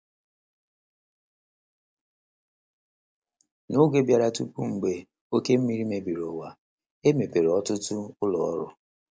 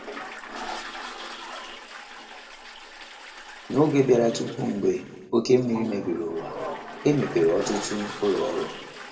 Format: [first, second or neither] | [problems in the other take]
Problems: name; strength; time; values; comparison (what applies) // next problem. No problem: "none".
first | background sound (Toilet flush); 12 dB below the speech // room echo; dies away in 1.3 s